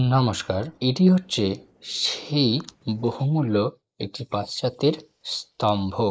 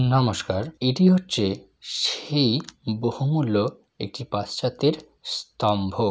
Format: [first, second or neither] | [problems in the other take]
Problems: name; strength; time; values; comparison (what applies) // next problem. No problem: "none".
second | noise reduction (neural mask model Resemble Enhance denoiser)